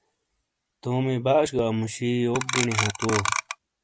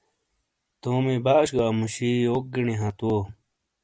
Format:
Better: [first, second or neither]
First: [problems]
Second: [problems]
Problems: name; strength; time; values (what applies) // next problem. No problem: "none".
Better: second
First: background sound (Clock); 1 dB below the speech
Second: none